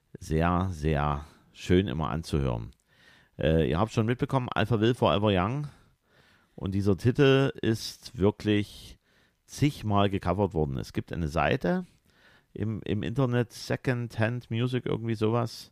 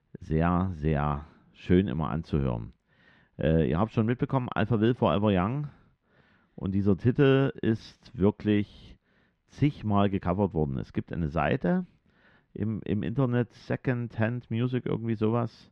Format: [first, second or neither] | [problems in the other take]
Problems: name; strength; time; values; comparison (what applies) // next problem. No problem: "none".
first | muffled; slightly; fading above 2.5 kHz